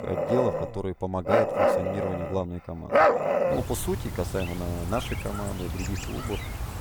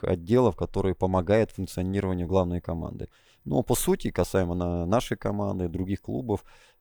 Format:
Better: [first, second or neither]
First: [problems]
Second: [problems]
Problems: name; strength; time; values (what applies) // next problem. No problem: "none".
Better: second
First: animal sounds; very loud; throughout; 4 dB above the speech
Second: none